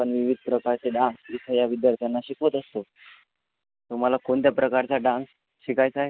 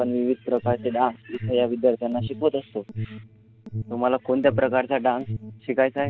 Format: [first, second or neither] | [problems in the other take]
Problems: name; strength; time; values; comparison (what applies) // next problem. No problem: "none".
first | background sound (Alarm); 12 dB below the speech